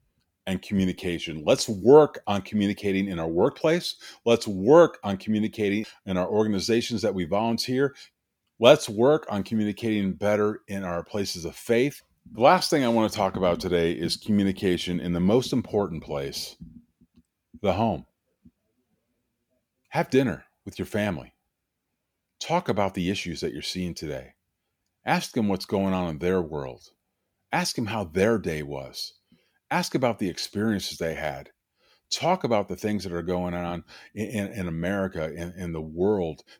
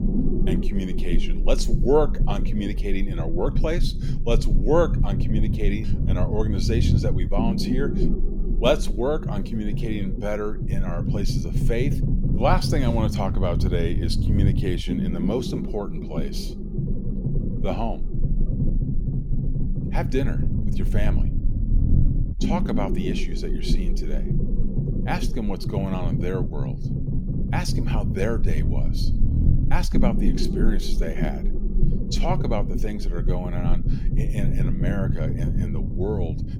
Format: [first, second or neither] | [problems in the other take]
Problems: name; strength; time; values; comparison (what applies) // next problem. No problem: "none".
first | low rumble; loud; throughout; 6 dB below the speech